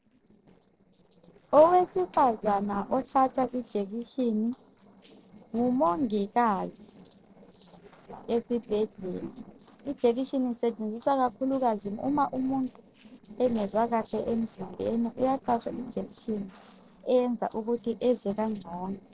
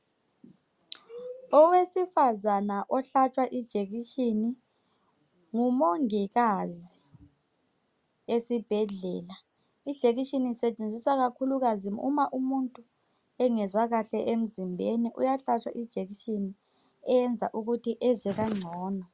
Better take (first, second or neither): second